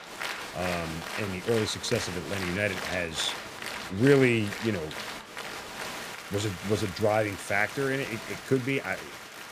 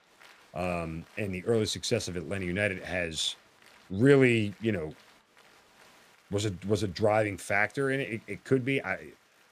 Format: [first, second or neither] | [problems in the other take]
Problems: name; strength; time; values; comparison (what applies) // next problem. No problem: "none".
second | crowd noise; loud; throughout; 8 dB below the speech; faint in the second